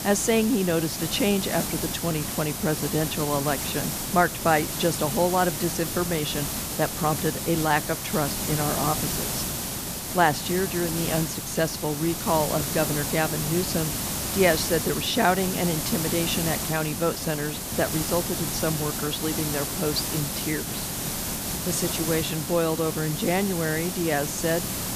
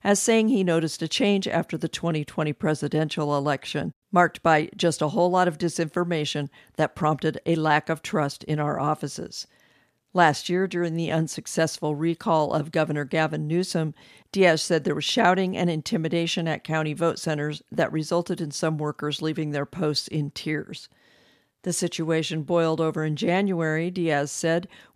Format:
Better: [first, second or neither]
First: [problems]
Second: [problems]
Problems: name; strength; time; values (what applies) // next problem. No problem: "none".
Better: second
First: hiss; loud; throughout; 2 dB below the speech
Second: none